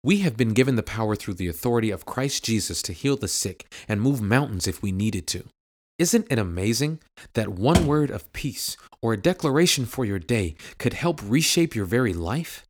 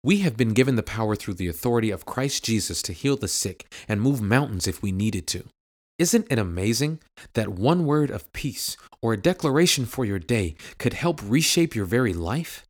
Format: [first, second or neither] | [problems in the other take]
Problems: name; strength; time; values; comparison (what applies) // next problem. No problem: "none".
second | door banging; noticeable; at 7.5 s; peak 1 dB below the speech